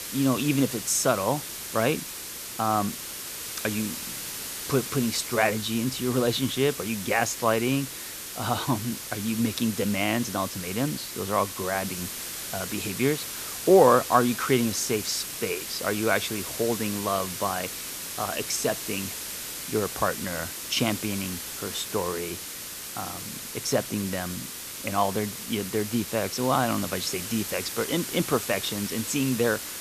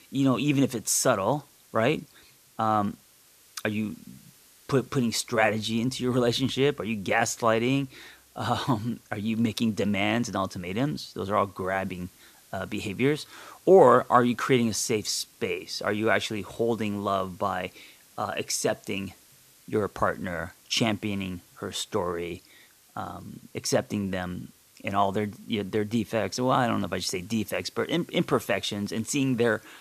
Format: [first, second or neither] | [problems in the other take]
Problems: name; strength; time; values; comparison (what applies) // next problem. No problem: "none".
second | hiss; loud; throughout; 6 dB below the speech; faint in the second